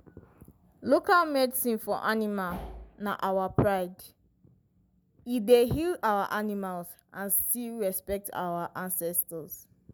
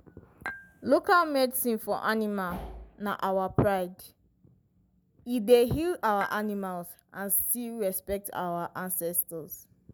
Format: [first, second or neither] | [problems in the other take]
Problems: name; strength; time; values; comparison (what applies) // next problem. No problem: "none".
first | background sound (Dishes, pots, and pans / Chink, clink); 12 dB below the speech